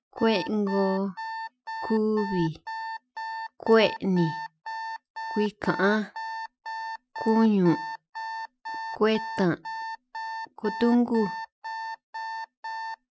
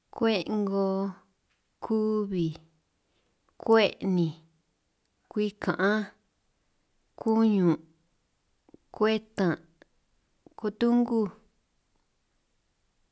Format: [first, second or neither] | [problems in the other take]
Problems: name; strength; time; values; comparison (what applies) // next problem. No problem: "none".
second | noise reduction (classical method Wiener filter)